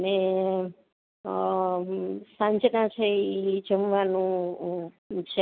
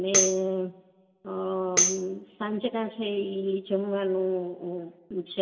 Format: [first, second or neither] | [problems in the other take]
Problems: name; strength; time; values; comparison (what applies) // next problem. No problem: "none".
first | background sound (Tambourine); as loud as the speech // room echo; dies away in 1.3 s